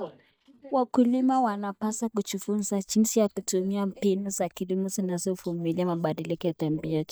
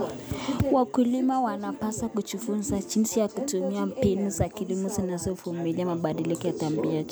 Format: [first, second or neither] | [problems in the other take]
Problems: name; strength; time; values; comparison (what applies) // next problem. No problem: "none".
second | noise reduction (neural mask model DeepFilterNet 3)